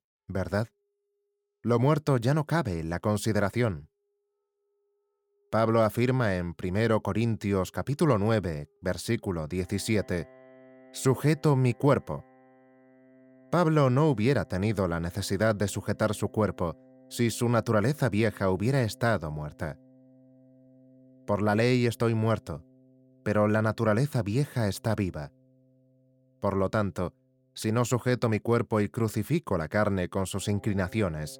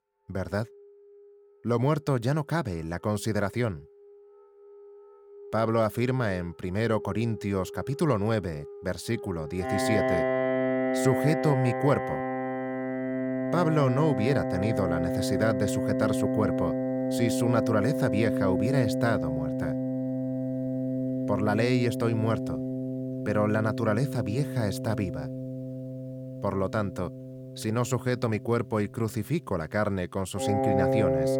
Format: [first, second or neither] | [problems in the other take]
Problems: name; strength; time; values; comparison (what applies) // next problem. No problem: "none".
first | background music; loud; throughout; 1 dB below the speech; faint in the first